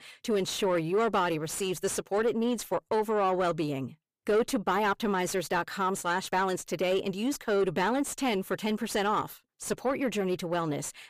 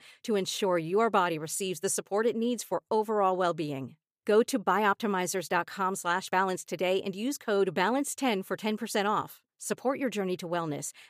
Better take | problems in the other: second | distortion; slight; 10 dB below the speech

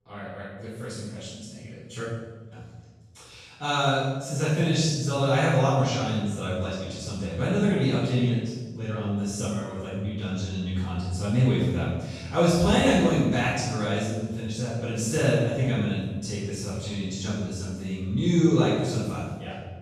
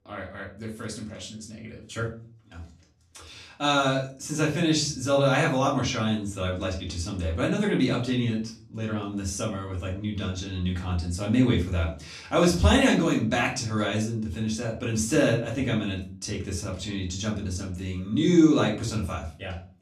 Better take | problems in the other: second | room echo; strong; dies away in 1.3 s; slight in the second // off-mic speech; far; far in the second

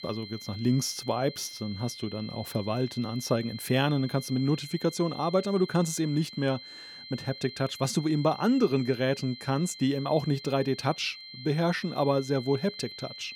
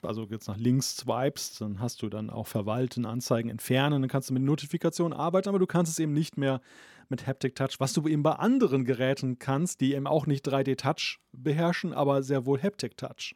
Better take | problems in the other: second | high-pitched whine; noticeable; throughout; 4 kHz, 15 dB below the speech

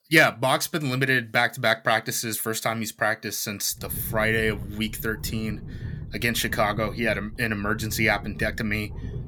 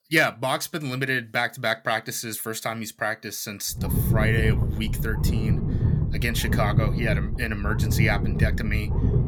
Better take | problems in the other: first | low rumble; loud; from 4 s on; 9 dB below the speech; faint in the first

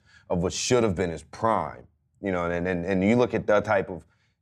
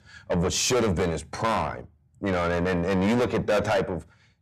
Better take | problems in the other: first | distortion; heavy; 6 dB below the speech

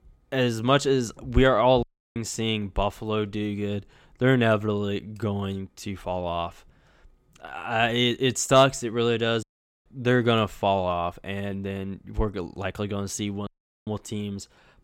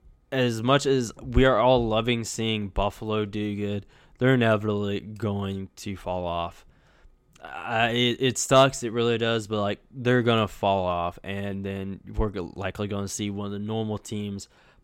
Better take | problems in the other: second | audio cutting out; at 2 s, at 9.5 s and at 13 s

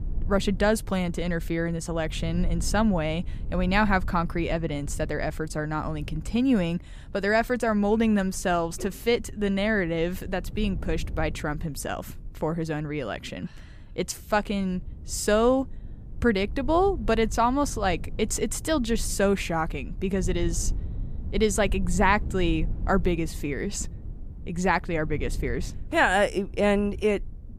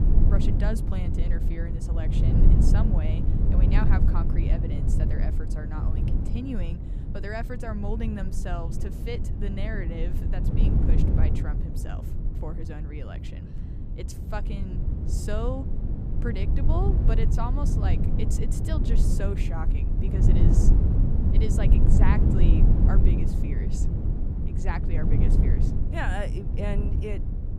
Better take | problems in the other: first | low rumble; loud; throughout; 1 dB below the speech; faint in the first

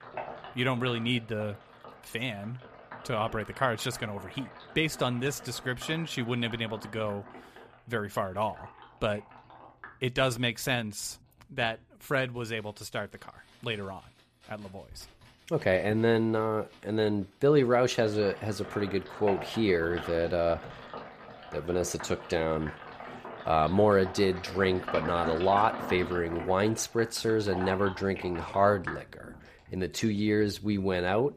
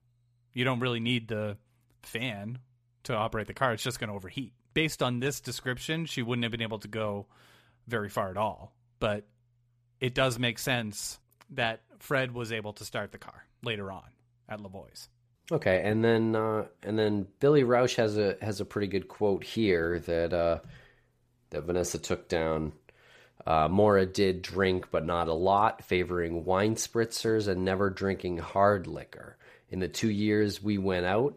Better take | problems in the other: second | household noises; noticeable; throughout; 15 dB below the speech

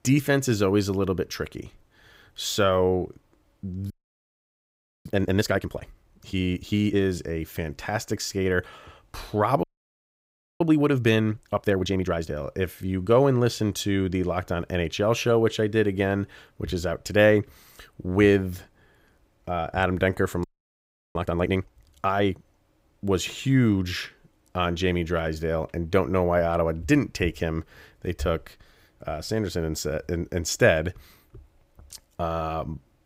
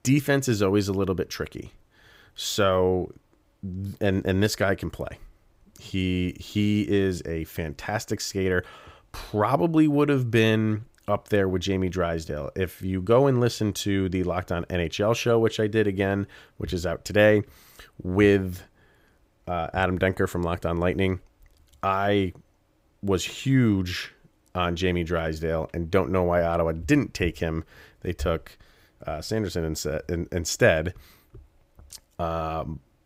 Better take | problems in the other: second | audio freezing; at 4 s for 1 s, at 9.5 s for 1 s and at 20 s for 0.5 s

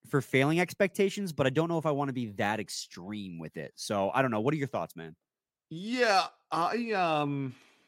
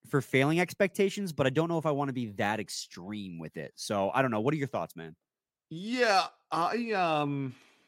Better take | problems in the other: neither | none

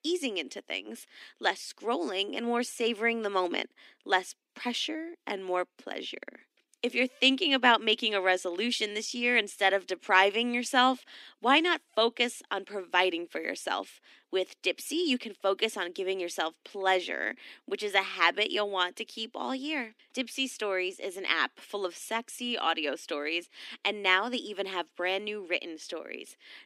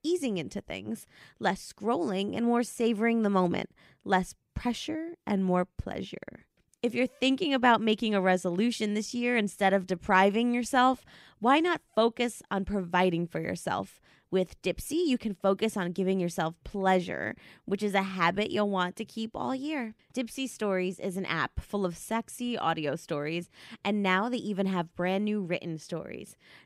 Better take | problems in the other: second | thin; very slightly; fading below 250 Hz

